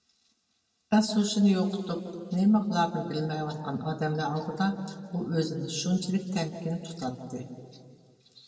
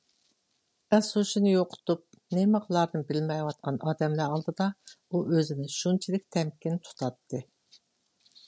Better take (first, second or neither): second